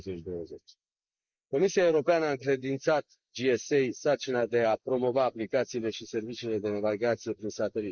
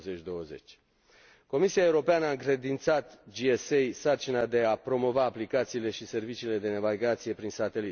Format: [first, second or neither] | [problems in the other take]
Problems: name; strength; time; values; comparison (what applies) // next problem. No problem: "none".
second | noise reduction (neural mask model Resemble Enhance denoiser)